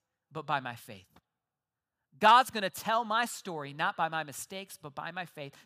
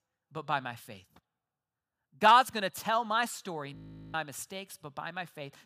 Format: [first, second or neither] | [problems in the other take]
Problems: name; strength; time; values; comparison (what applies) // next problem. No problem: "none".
first | audio freezing; at 4 s